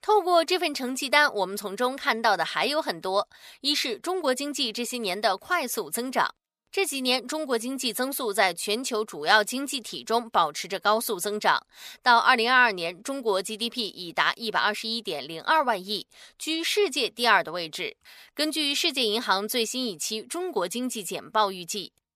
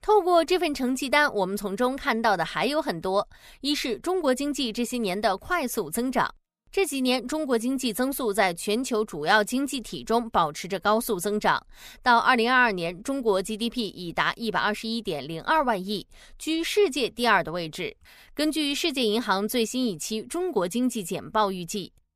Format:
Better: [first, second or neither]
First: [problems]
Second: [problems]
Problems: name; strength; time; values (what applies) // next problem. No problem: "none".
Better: second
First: thin; very slightly; fading below 550 Hz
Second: none